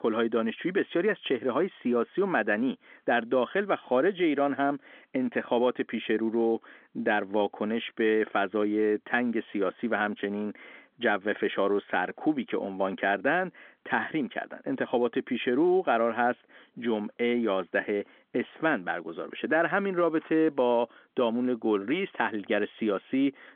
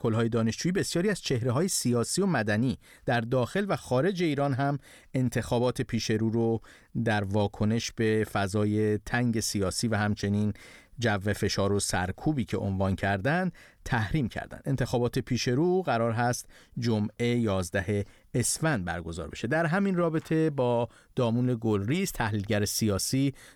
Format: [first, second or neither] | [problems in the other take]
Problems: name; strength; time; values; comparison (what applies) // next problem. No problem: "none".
second | phone-call audio; nothing above 3.5 kHz